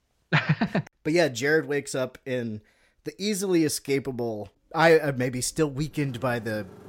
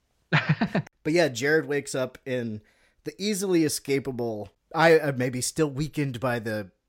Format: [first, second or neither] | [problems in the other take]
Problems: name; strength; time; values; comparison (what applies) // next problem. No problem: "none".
second | traffic noise; faint; from 5 s on; 25 dB below the speech